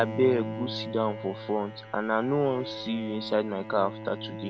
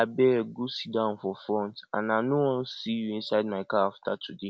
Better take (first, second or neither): second